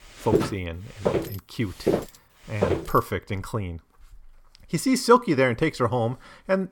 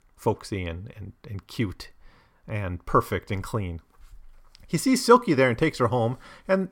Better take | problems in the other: second | footsteps; loud; until 3 s; peak level with the speech

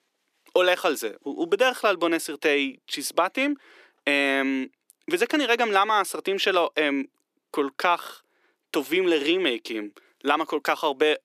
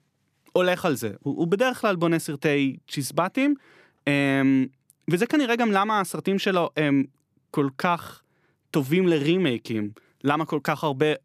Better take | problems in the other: second | thin; somewhat; fading below 350 Hz

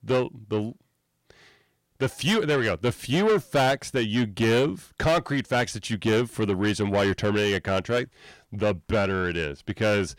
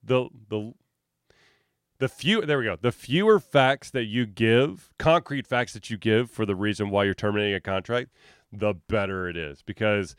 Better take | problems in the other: second | distortion; heavy; 8 dB below the speech

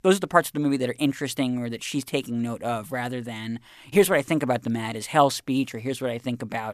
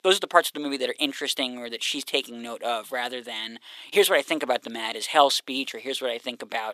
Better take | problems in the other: first | thin; somewhat; fading below 350 Hz

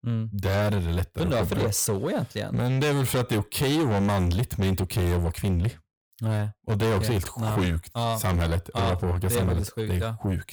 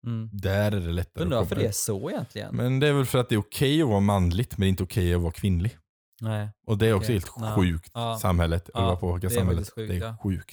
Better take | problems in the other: second | distortion; heavy; 8 dB below the speech

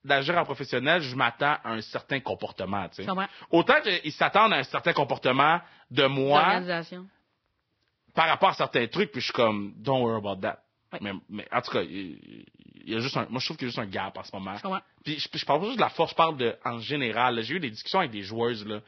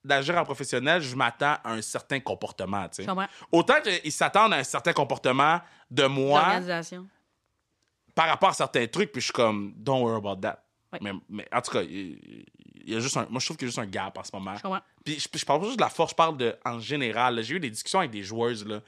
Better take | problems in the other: second | garbled, watery; badly; nothing above 5.5 kHz

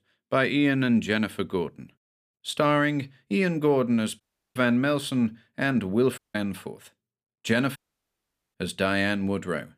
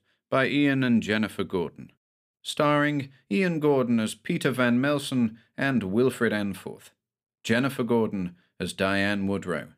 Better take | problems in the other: second | audio cutting out; at 4 s, at 6 s and at 8 s for 1 s

